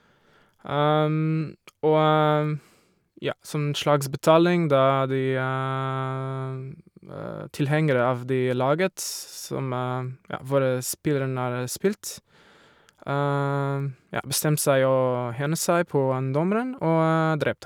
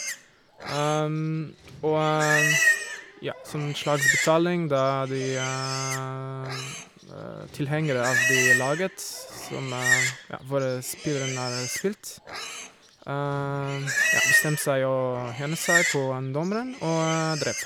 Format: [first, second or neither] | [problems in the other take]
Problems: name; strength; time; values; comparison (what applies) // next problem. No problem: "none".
first | background sound (Livestock, farm animals, working animals); 1 dB below the speech